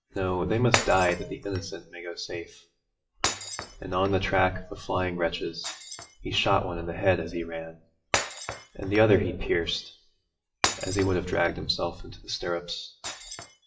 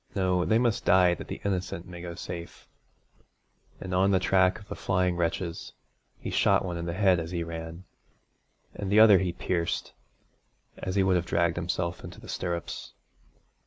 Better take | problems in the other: second | noise reduction (classical method WPE with log-MMSE)

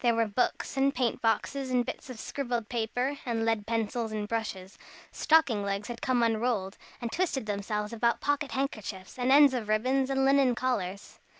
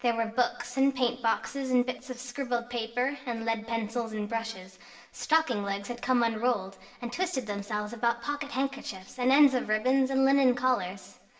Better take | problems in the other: first | room echo; dies away in 0.8 s

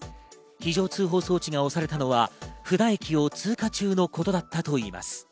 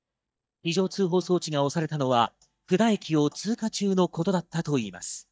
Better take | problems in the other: first | noise reduction (neural mask model DeepFilterNet 3)

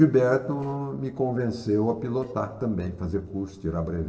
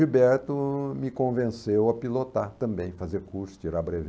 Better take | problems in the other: second | noise reduction (neural separator model SepFormer DNS4)

